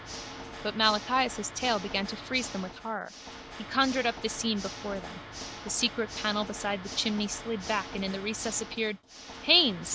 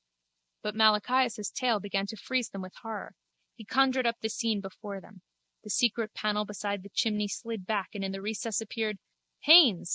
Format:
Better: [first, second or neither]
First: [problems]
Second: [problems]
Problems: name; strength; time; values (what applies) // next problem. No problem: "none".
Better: second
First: background sound (Water / Mechanisms); 11 dB below the speech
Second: none